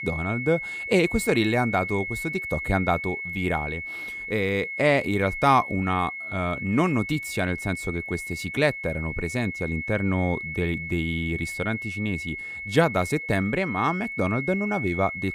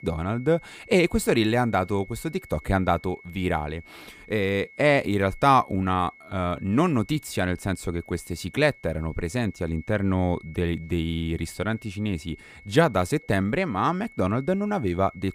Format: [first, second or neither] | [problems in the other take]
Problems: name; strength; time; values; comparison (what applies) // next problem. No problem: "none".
second | high-pitched whine; loud; throughout; 2 kHz, 6 dB below the speech; faint in the second